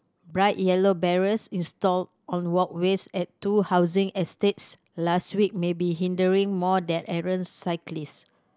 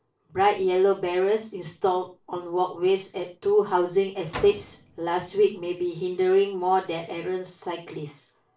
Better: first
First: none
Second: background sound (Slam); 17 dB below the speech // room echo; dies away in 0.3 s

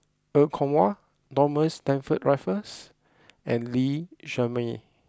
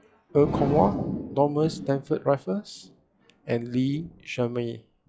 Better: first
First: none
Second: noise reduction (classical method log-MMSE)

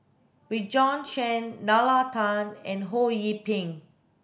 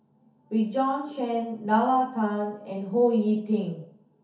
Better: first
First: none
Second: room echo; dies away in 0.5 s

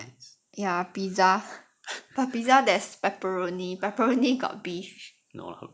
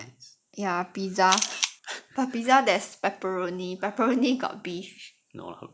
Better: first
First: none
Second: background sound (Camera); 4 dB below the speech

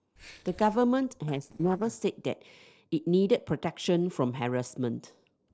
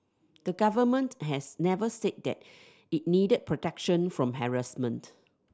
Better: second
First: noise reduction (neural separator model SepFormer DNS4)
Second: none

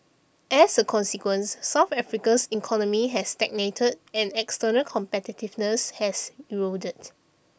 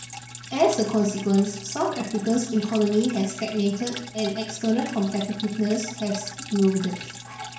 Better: first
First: none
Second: background sound (Drip); 13 dB below the speech // room echo; dies away in 0.6 s

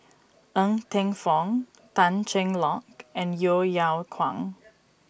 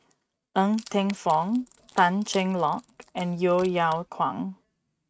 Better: first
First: none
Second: noise reduction (neural mask model RNNoise)

